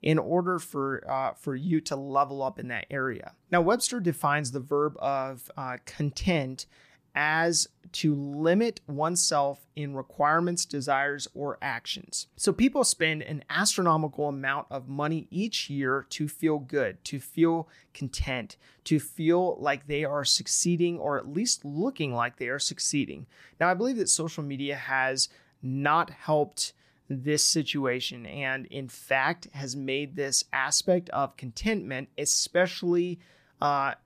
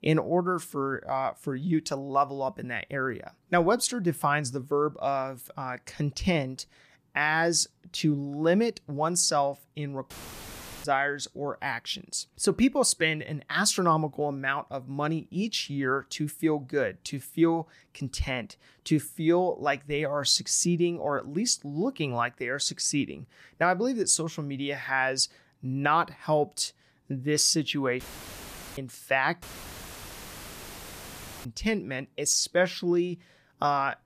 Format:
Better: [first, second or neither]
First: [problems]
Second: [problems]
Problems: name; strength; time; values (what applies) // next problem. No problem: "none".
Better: first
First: none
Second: audio cutting out; filled with static; at 10 s for 0.5 s, at 28 s for 1 s and at 29 s for 2 s